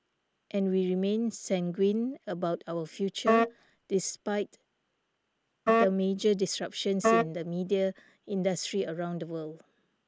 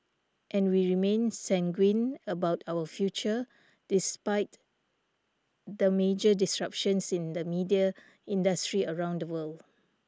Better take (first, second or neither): second